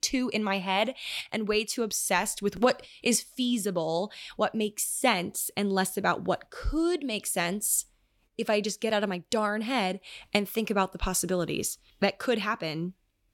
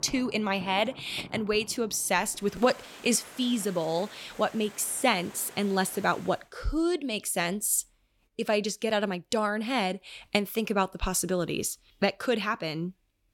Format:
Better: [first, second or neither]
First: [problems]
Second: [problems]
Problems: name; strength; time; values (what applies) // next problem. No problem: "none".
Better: first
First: none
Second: rain or running water; noticeable; until 6.5 s; 20 dB below the speech